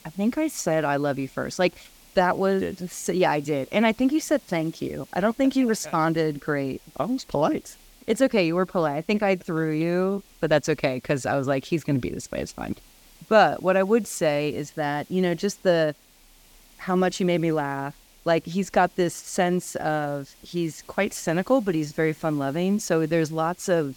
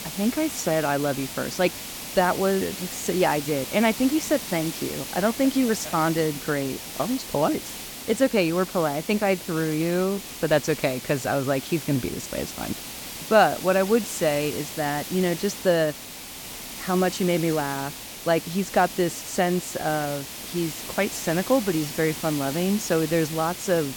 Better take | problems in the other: first | hiss; loud; throughout; 9 dB below the speech; faint in the first

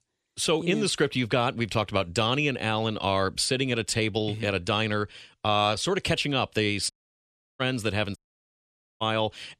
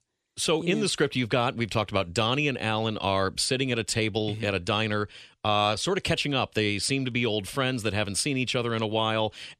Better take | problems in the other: second | audio cutting out; at 7 s for 0.5 s and at 8 s for 1 s

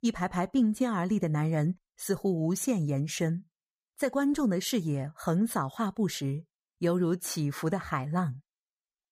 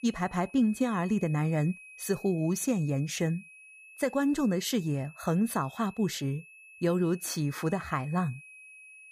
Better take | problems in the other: first | high-pitched whine; noticeable; throughout; 2.5 kHz, 20 dB below the speech

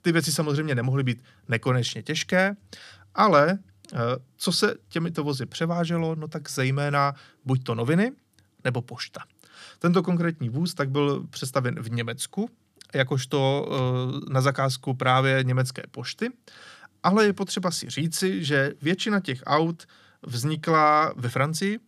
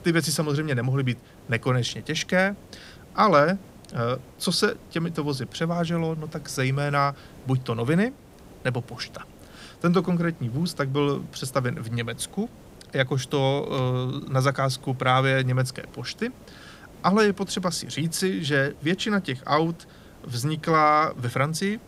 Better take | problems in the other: first | hiss; faint; throughout; 25 dB below the speech

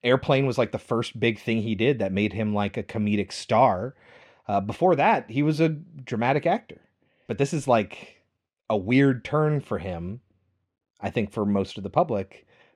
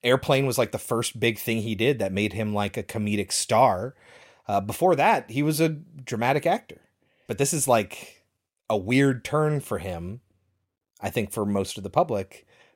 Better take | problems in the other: second | muffled; slightly; fading above 3.5 kHz

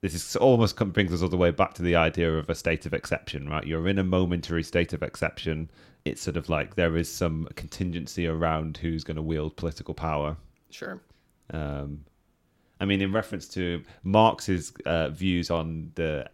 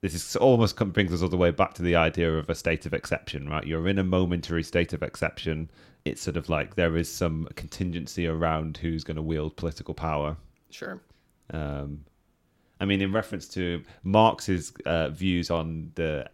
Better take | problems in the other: neither | none

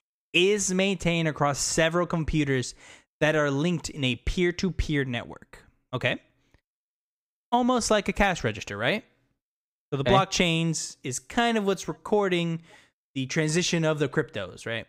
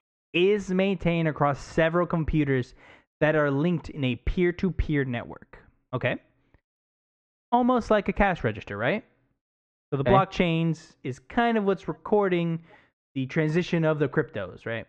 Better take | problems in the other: first | muffled; very; fading above 2 kHz

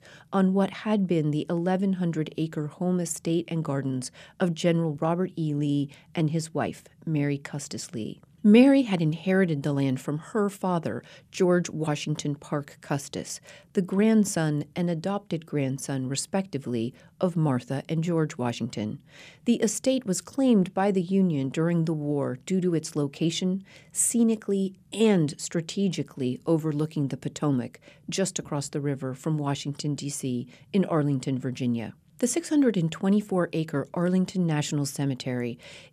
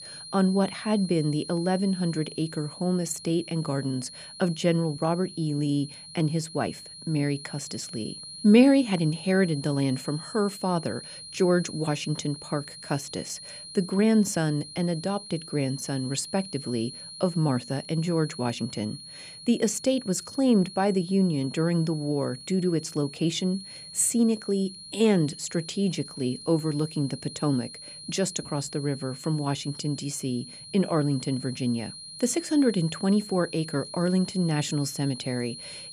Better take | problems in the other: first | high-pitched whine; noticeable; throughout; 4 kHz, 15 dB below the speech

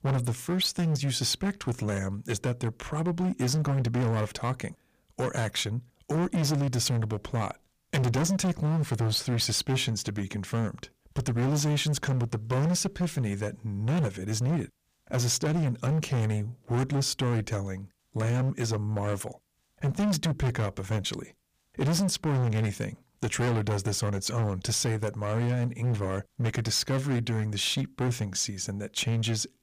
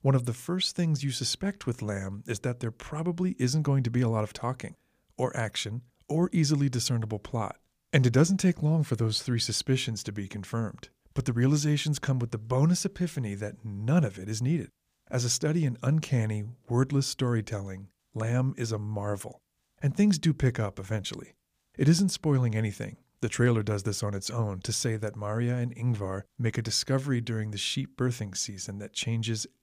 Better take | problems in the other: second | distortion; heavy; 19% of the sound clipped

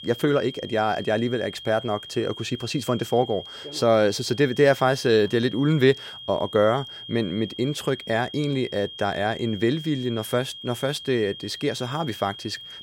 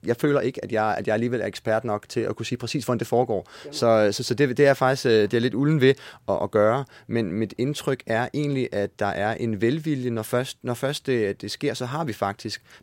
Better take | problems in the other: second | high-pitched whine; noticeable; throughout; 3 kHz, 15 dB below the speech

